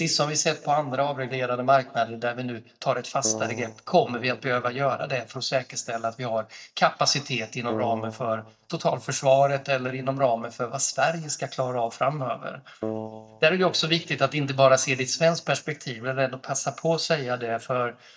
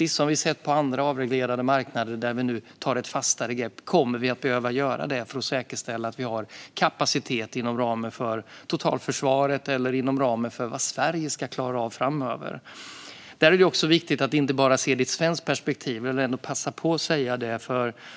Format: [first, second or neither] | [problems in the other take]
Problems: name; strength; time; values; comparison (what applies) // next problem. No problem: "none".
second | noise reduction (neural mask model DeepFilterNet 3)